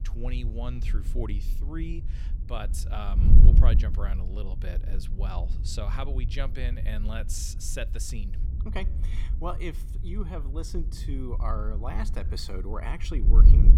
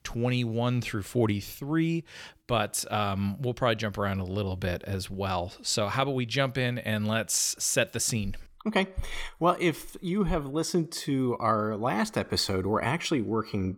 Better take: second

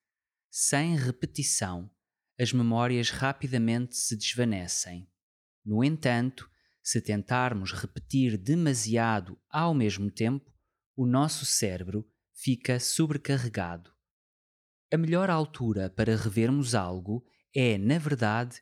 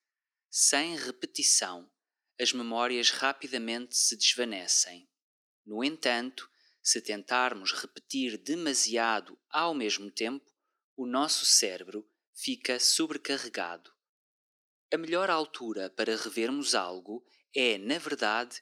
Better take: first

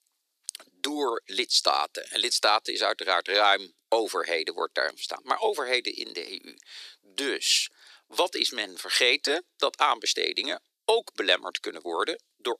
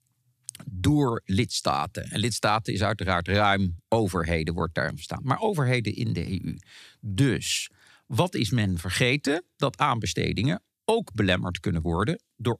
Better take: second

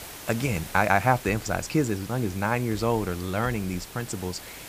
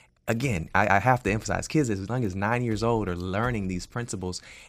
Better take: second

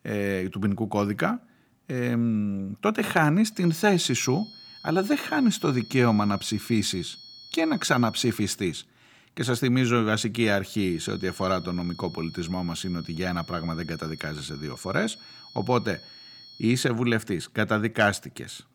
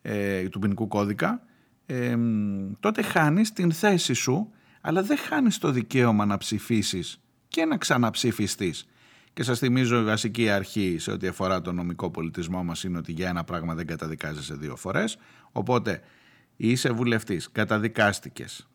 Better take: second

